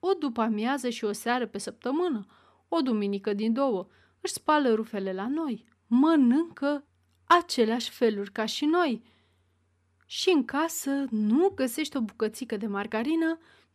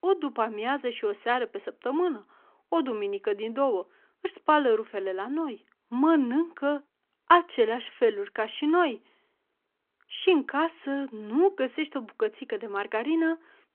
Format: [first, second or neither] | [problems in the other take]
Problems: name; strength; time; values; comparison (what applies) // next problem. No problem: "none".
first | phone-call audio